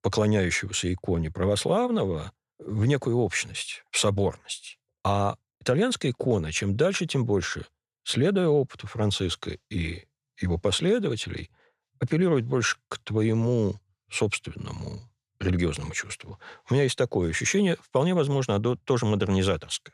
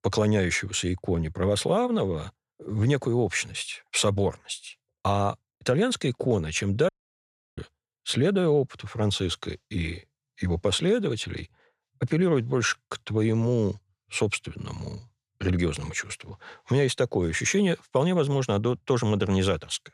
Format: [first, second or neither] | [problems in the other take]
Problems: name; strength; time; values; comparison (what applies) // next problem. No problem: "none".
first | audio cutting out; at 7 s for 0.5 s